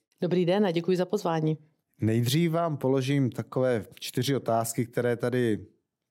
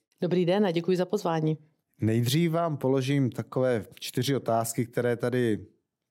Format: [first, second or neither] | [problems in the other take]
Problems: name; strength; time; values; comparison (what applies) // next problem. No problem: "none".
neither | none